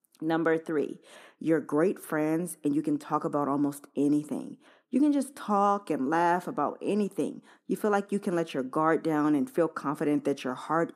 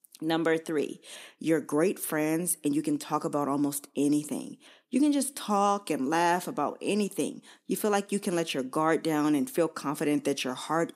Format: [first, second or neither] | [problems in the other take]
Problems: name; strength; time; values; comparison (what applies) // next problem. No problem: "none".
second | muffled; slightly; fading above 2 kHz